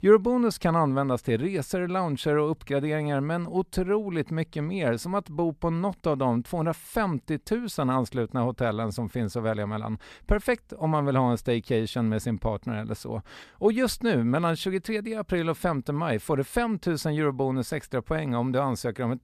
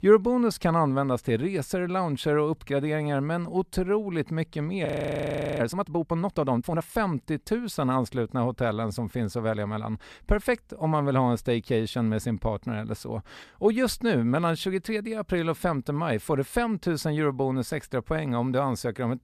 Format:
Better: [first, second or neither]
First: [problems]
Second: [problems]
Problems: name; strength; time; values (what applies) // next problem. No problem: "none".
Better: first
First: none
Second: audio freezing; at 5 s for 0.5 s